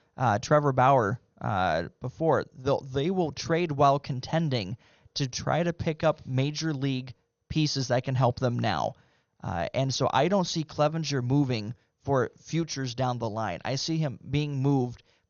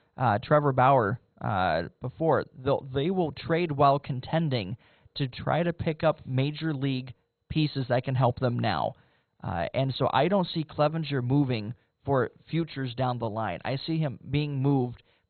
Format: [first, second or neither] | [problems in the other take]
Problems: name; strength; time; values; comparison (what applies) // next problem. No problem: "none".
first | garbled, watery; badly; nothing above 4 kHz; slightly in the first